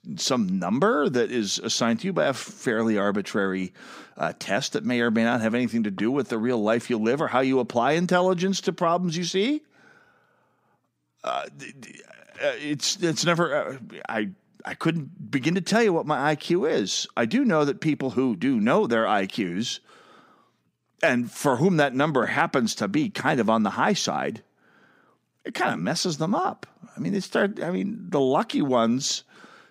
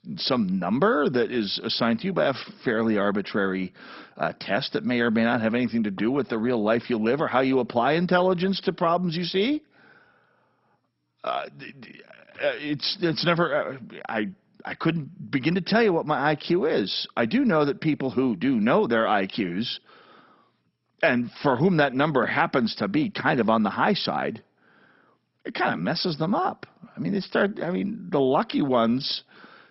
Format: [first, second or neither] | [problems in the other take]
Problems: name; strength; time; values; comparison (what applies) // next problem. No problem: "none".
first | garbled, watery; badly; nothing above 5.5 kHz